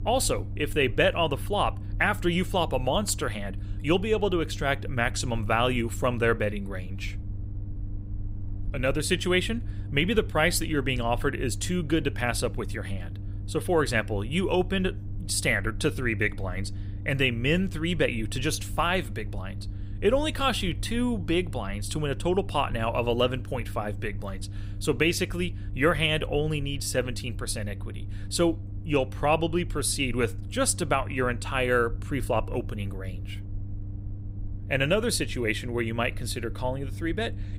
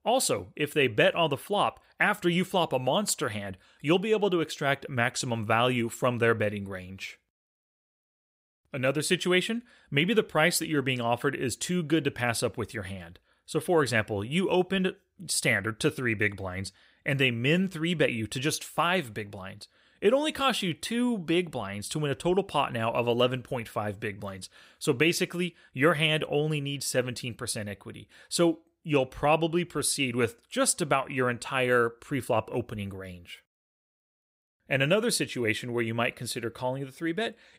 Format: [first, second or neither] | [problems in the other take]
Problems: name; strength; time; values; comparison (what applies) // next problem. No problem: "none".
second | low rumble; faint; throughout; 25 dB below the speech